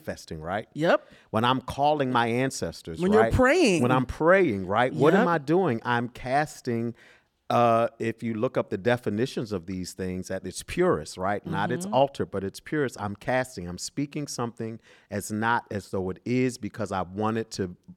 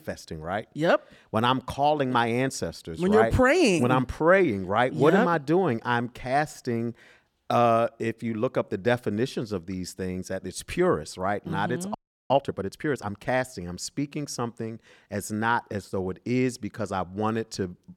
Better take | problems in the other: first | audio freezing; at 12 s

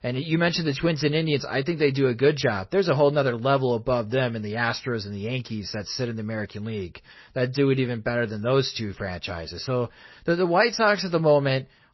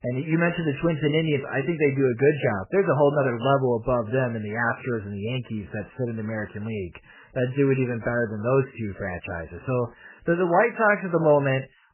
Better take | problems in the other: first | garbled, watery; badly; nothing above 3 kHz; slightly in the first

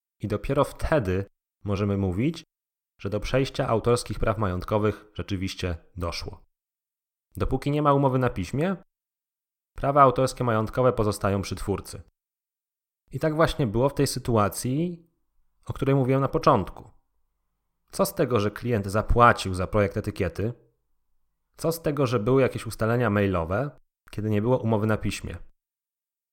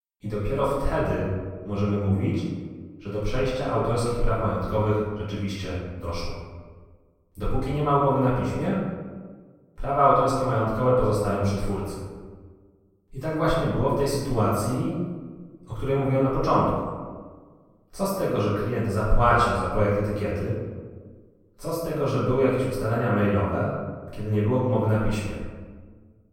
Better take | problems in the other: first | room echo; noticeable; dies away in 1.3 s // off-mic speech; far

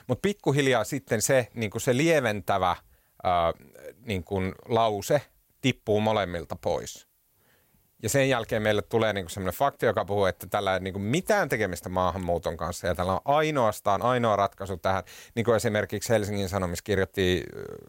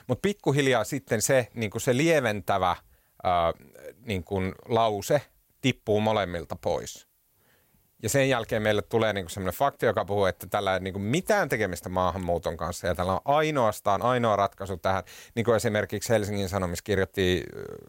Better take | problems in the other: neither | none

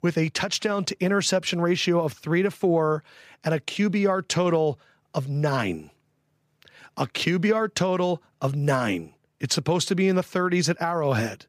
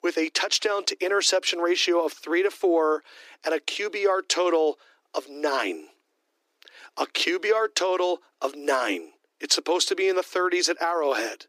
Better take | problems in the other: first | thin; very; fading below 300 Hz

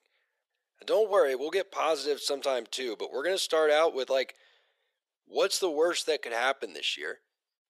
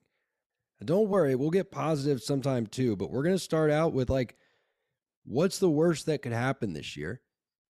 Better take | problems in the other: second | thin; very; fading below 450 Hz

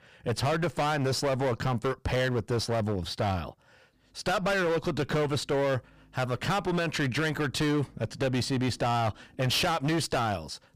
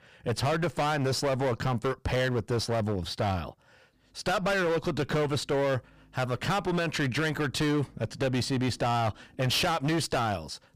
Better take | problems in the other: neither | distortion; heavy; 23% of the sound clipped; the same in both

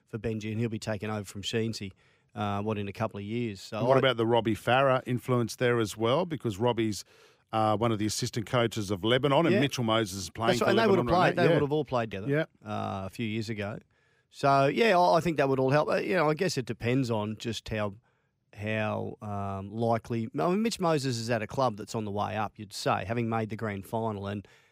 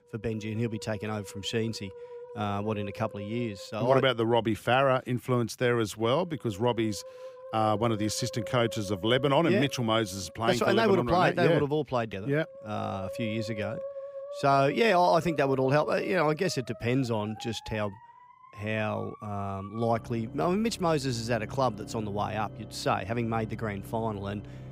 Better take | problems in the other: first | background music; noticeable; throughout; 15 dB below the speech

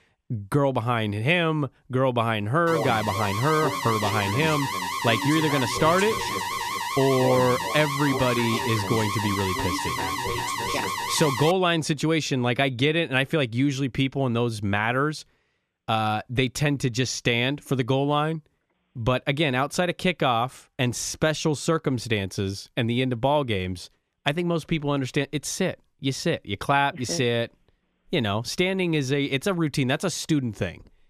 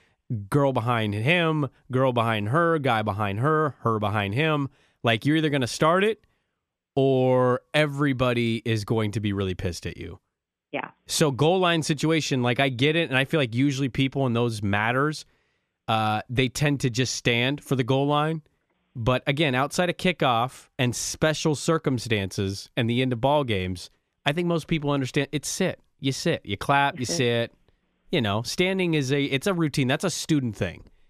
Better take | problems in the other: second | alarm; noticeable; from 2.5 to 12 s; peak 2 dB below the speech

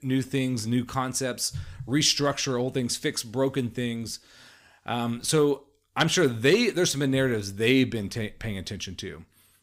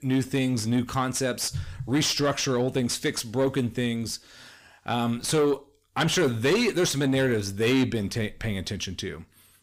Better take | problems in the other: first | distortion; slight; 10 dB below the speech

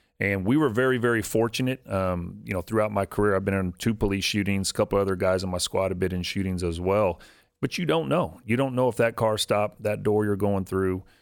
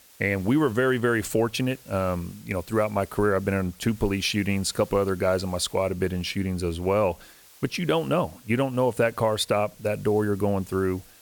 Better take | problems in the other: first | hiss; faint; throughout; 25 dB below the speech

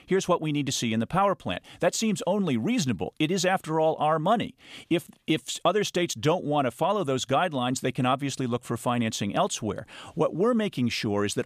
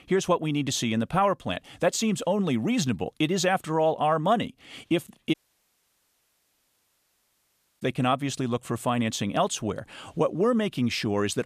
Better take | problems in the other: first | audio cutting out; at 5.5 s for 2.5 s

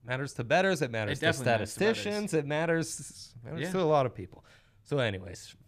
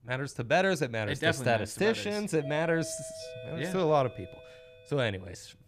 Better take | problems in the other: first | doorbell; faint; from 2.5 to 5 s; peak 10 dB below the speech

